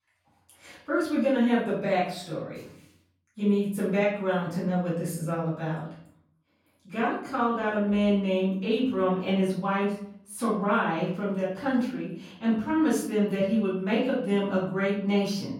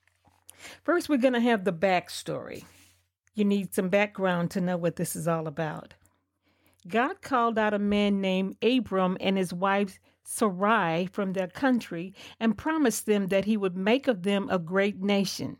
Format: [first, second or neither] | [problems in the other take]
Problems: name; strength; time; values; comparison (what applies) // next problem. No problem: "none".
second | off-mic speech; far // room echo; noticeable; dies away in 0.6 s